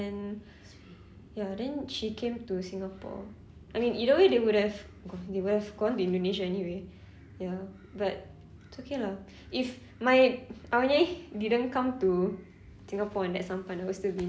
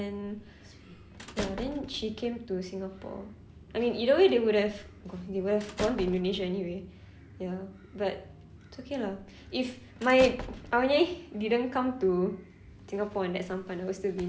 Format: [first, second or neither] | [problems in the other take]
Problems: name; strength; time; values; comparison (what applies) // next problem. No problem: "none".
first | background sound (Squeak / Slam / Human group actions); 16 dB below the speech